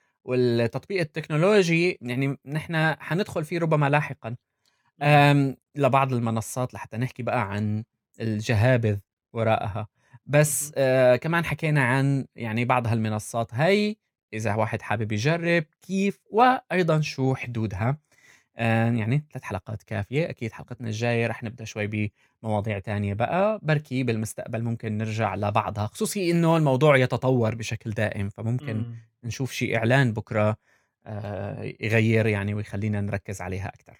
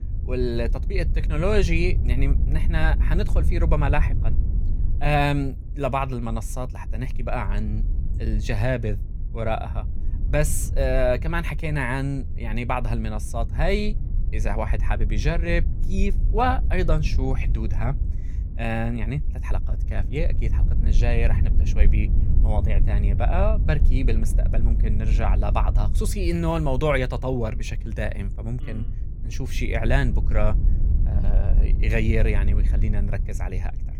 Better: first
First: none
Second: wind noise on the microphone; occasional gusts; 15 dB below the speech

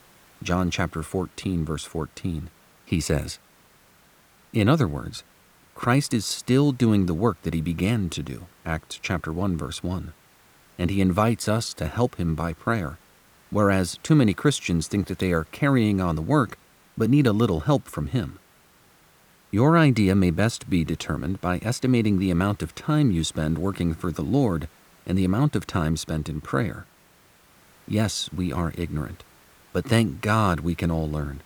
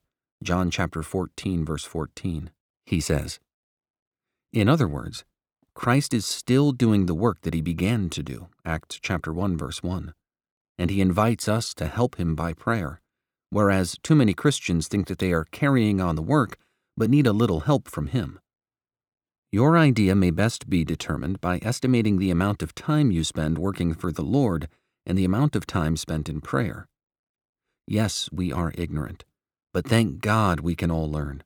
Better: second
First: hiss; faint; throughout; 30 dB below the speech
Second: none

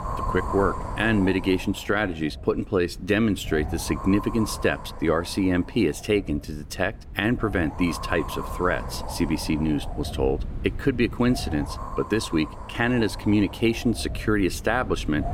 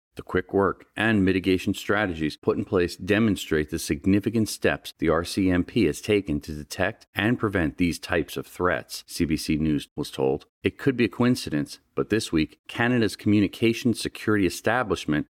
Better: second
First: wind noise on the microphone; heavy; 10 dB below the speech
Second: none

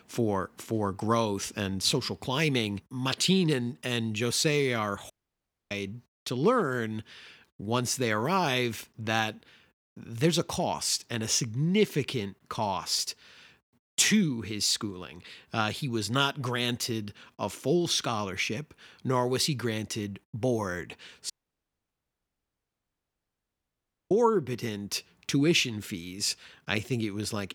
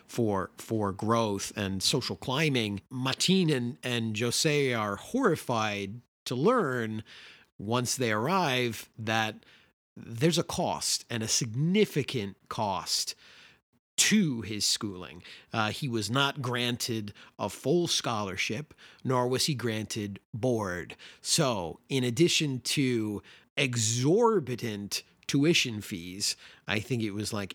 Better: second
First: audio cutting out; at 5 s for 0.5 s and at 21 s for 3 s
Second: none

